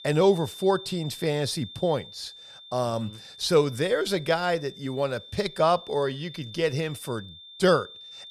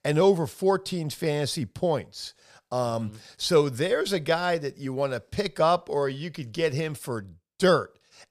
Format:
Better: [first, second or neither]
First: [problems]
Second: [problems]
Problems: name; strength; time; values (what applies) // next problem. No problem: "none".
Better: second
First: high-pitched whine; noticeable; throughout; 3.5 kHz, 15 dB below the speech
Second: none